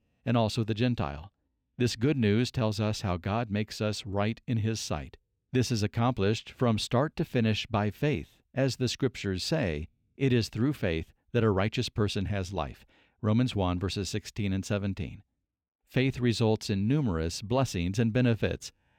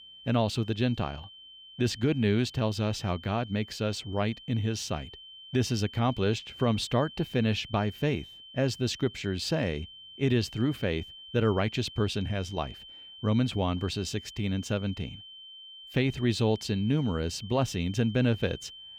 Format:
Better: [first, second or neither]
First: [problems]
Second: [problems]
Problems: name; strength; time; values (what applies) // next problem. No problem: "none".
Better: first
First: none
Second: high-pitched whine; noticeable; throughout; 3 kHz, 15 dB below the speech